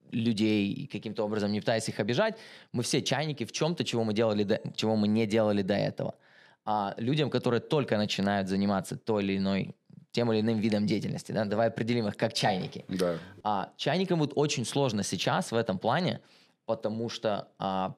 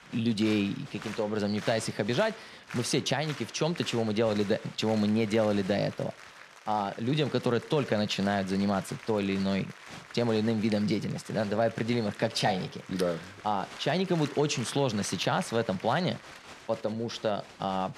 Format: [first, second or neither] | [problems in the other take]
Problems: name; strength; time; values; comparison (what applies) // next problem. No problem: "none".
first | crowd noise; noticeable; throughout; 15 dB below the speech